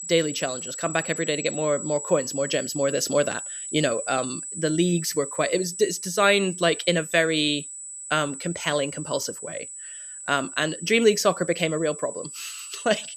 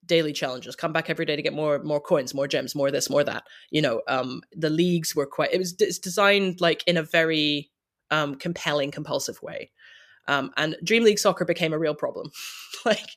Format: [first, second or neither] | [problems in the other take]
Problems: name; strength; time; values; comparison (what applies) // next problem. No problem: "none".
second | high-pitched whine; loud; throughout; 8 kHz, 9 dB below the speech